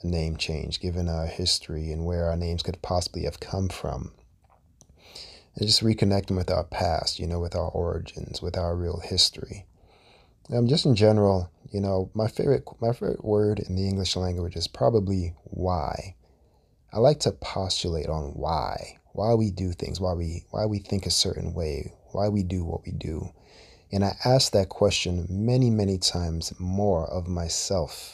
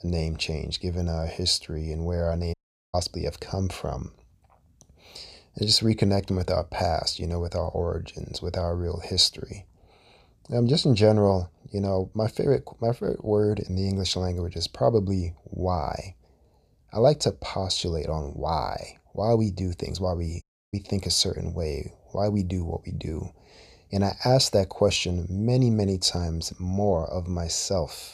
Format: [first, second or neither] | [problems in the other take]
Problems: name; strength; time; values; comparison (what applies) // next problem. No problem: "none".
first | audio cutting out; at 2.5 s and at 20 s